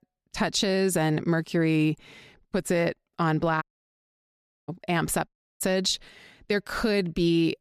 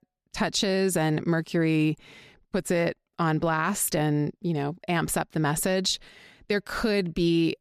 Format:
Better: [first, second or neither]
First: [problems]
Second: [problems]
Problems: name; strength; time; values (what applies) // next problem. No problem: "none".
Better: second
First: audio cutting out; at 3.5 s for 1 s and at 5.5 s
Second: none